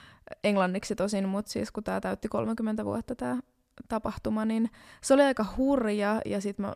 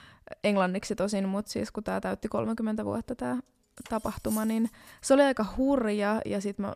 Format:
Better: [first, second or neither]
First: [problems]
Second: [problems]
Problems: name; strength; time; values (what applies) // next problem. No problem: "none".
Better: first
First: none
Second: clattering dishes; faint; from 4 to 5 s; peak 10 dB below the speech